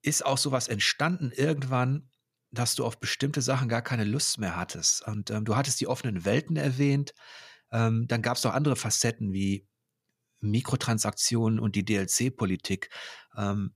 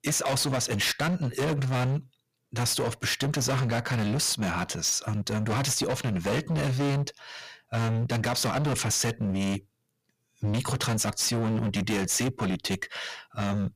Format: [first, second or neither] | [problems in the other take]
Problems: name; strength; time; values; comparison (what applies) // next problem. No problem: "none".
first | distortion; heavy; 27% of the sound clipped